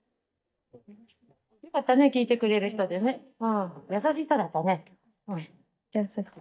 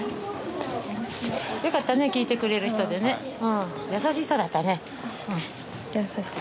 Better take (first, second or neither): second